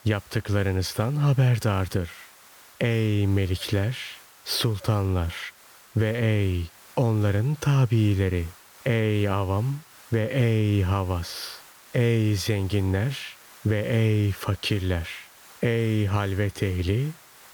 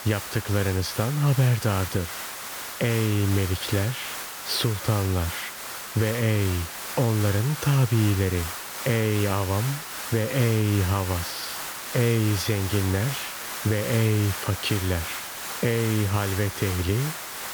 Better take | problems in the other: first | hiss; loud; throughout; 7 dB below the speech; faint in the first

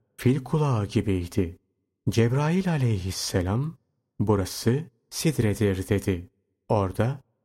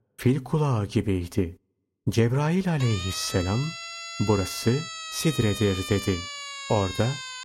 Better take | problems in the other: first | siren; noticeable; from 3 s on; peak 7 dB below the speech

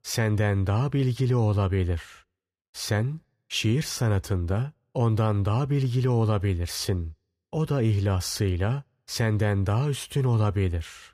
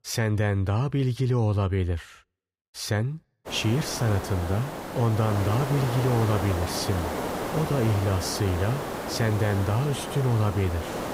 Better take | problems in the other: first | hiss; loud; from 3.5 s on; 6 dB below the speech

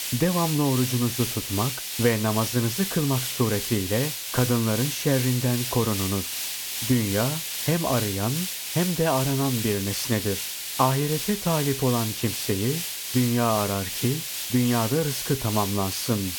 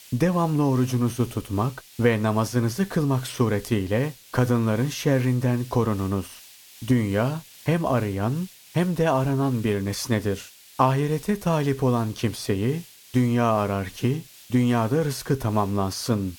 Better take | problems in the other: second | hiss; loud; throughout; 3 dB below the speech; faint in the second

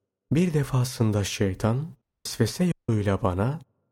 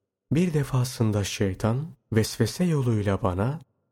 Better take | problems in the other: second | audio cutting out; at 2 s and at 2.5 s

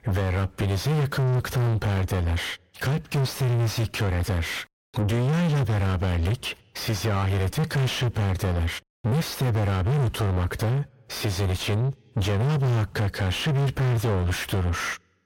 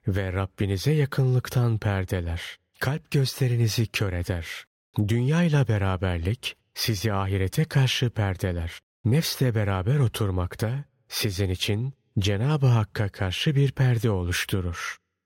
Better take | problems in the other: second | distortion; heavy; 6 dB below the speech

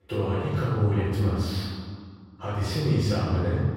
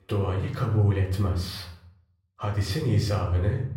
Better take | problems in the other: second | room echo; strong; dies away in 1.8 s; slight in the second // off-mic speech; far; somewhat distant in the second

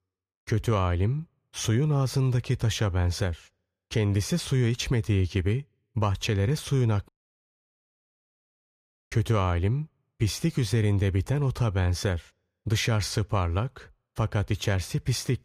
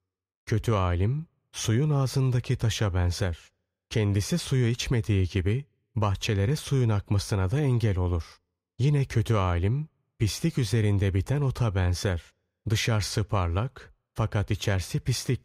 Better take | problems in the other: second | audio cutting out; at 7 s for 2 s

